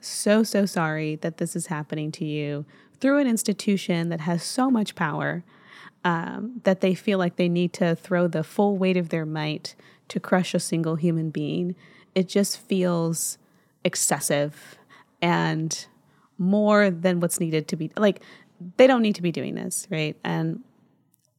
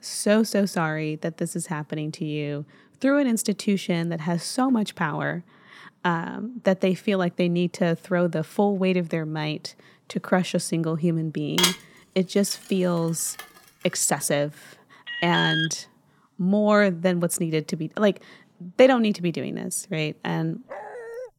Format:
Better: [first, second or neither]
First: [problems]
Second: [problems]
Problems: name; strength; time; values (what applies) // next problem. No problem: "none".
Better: first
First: none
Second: clattering dishes; loud; from 12 to 13 s; peak 3 dB above the speech // alarm; loud; at 15 s; peak 1 dB above the speech // dog barking; faint; at 21 s; peak 10 dB below the speech